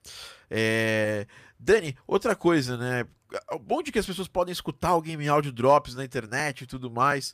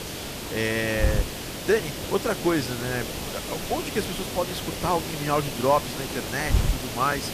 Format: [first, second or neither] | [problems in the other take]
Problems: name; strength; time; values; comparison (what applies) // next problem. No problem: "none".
first | hiss; loud; throughout; 3 dB below the speech